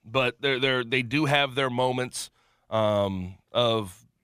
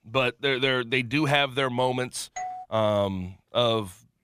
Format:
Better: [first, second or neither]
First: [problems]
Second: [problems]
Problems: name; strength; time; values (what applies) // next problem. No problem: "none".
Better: first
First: none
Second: doorbell; faint; at 2.5 s; peak 10 dB below the speech